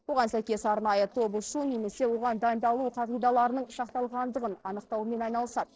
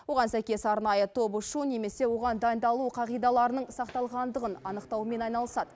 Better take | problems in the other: second | noise reduction (neural separator model SepFormer DNS4)

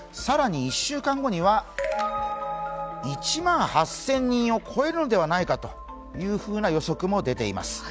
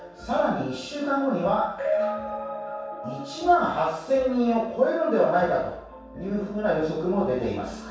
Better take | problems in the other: first | room echo; dies away in 0.7 s

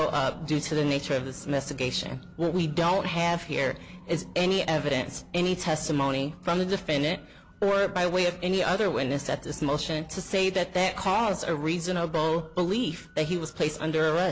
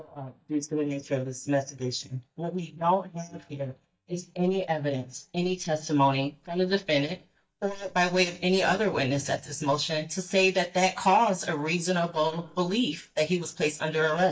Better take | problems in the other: first | noise reduction (neural mask model DeepFilterNet 3)

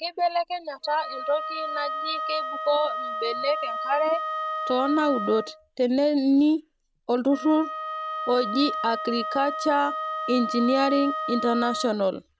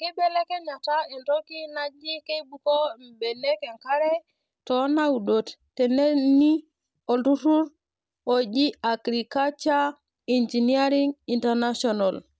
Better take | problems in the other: second | background sound (Wind instrument, woodwind instrument); 6 dB below the speech

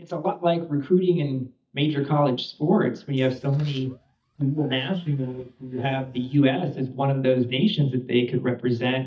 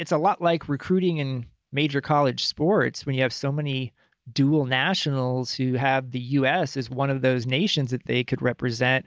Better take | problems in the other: second | noise reduction (neural mask model DeepFilterNet 3)

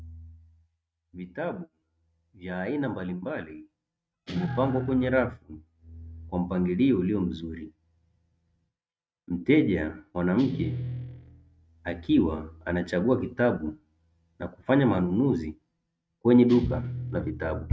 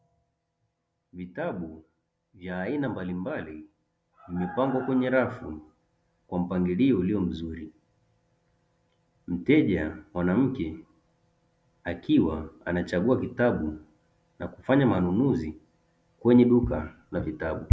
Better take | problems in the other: second | noise reduction (neural mask model RNNoise)

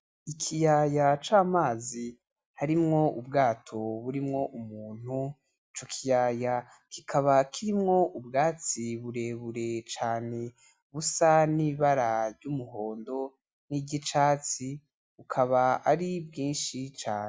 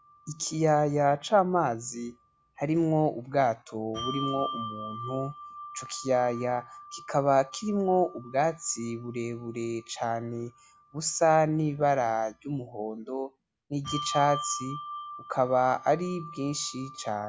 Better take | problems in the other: first | background sound (Bell); 14 dB below the speech

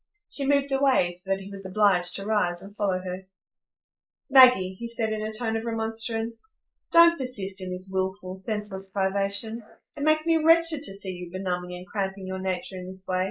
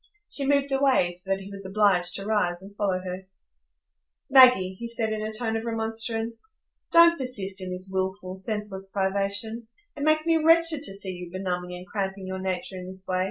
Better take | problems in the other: second | noise reduction (neural mask model Resemble Enhance denoiser)

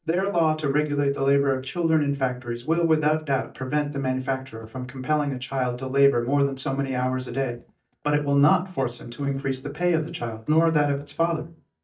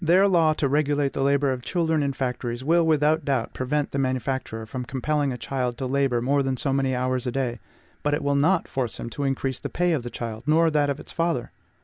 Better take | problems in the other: second | noise reduction (neural mask model DeepFilterNet 3)

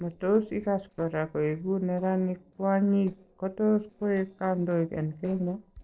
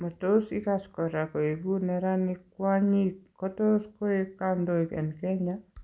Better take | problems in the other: second | noise reduction (neural separator model SepFormer DNS4)

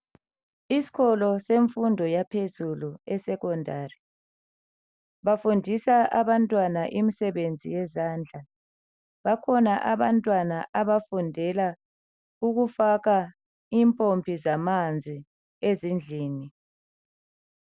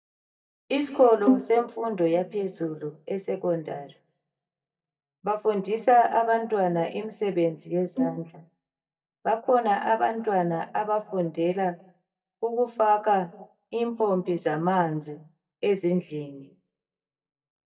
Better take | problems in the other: first | noise reduction (neural mask model DeepFilterNet 3)

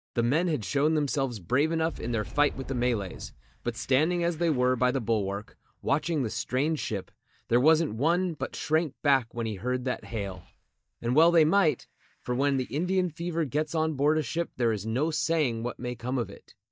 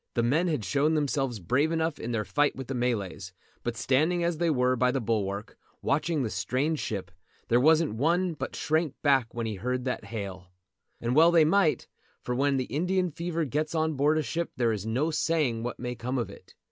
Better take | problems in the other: second | noise reduction (neural mask model DeepFilterNet 3)

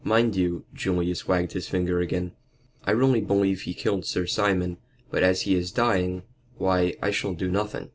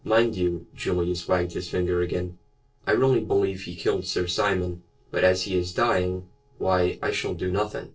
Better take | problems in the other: first | noise reduction (neural separator model SepFormer DNS4)

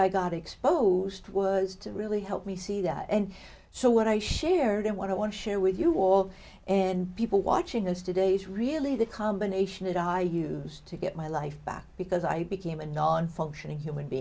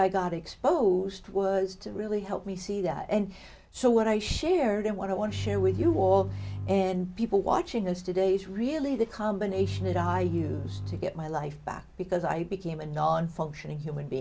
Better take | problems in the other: first | background sound (Bowed string instrument); 6 dB below the speech

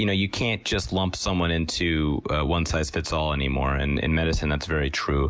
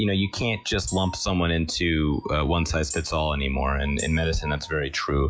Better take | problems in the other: first | noise reduction (classical method log-MMSE)

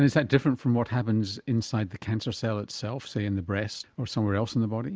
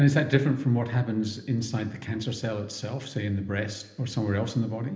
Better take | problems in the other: first | room echo; dies away in 0.8 s

